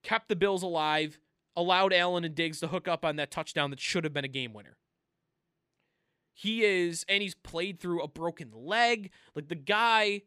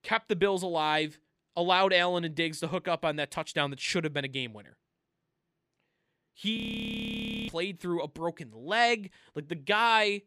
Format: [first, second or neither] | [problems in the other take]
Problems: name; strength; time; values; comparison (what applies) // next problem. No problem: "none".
first | audio freezing; at 6.5 s for 1 s